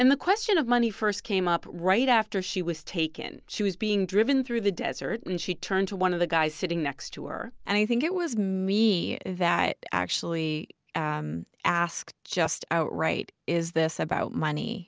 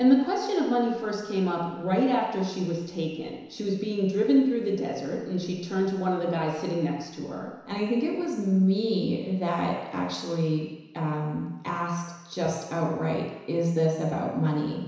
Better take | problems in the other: first | room echo; dies away in 1 s

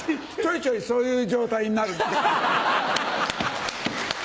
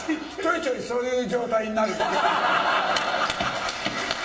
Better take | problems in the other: first | room echo; dies away in 1.3 s

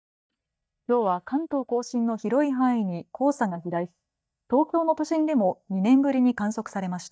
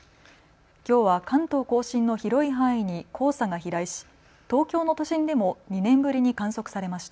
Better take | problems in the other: second | noise reduction (neural mask model DeepFilterNet 3)

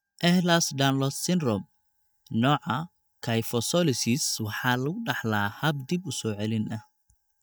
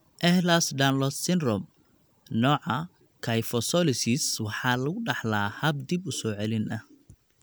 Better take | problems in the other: second | noise reduction (neural mask model DeepFilterNet 3)

